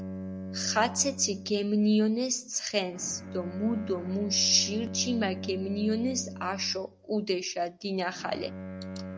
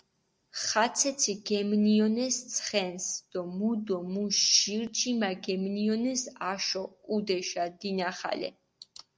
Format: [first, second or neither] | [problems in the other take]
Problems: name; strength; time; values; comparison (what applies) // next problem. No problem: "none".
second | background sound (Bowed string instrument); 11 dB below the speech